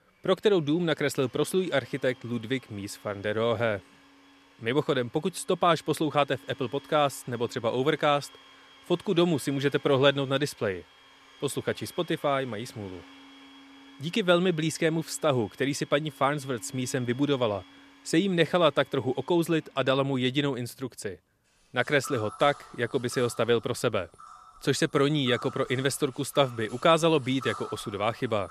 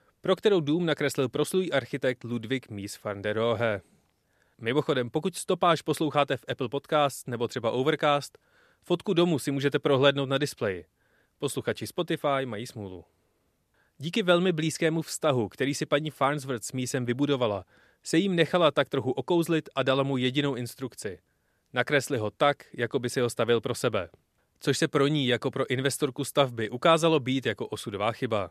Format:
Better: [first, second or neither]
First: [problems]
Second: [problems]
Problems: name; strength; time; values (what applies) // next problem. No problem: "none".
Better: second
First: household noises; faint; throughout; 20 dB below the speech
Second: none